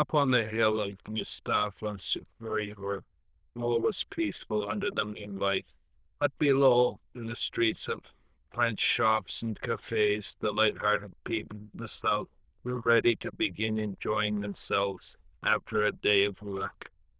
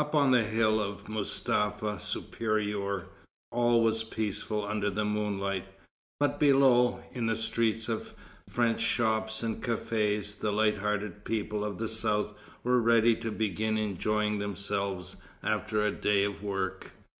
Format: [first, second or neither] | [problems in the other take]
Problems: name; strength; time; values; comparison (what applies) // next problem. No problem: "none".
second | noise reduction (neural diffusion model UNIVERSE++)